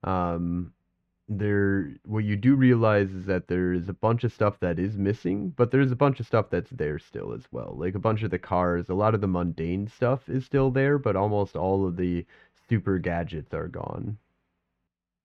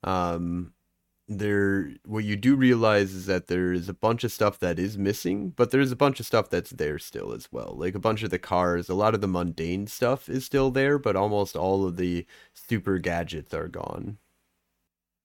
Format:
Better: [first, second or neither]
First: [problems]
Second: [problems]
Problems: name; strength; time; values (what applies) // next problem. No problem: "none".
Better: second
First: muffled; slightly; fading above 2 kHz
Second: none